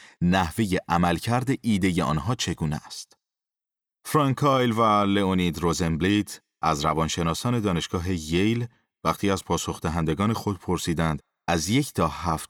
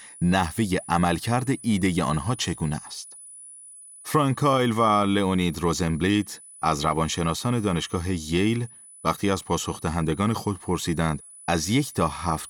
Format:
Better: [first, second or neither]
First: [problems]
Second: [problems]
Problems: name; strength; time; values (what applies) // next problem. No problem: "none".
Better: first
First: none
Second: high-pitched whine; noticeable; throughout; 10 kHz, 20 dB below the speech